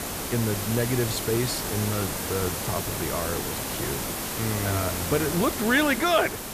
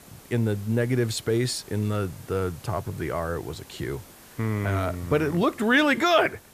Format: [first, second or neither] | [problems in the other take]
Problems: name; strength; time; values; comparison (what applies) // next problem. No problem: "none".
second | hiss; loud; throughout; 2 dB below the speech; faint in the second